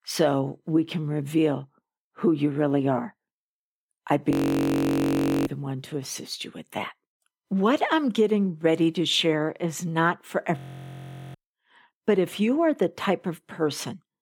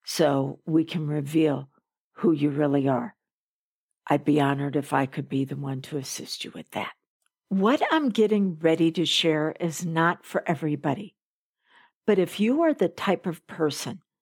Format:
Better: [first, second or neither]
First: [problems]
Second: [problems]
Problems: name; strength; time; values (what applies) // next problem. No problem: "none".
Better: second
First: audio freezing; at 4.5 s for 1 s and at 11 s for 1 s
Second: none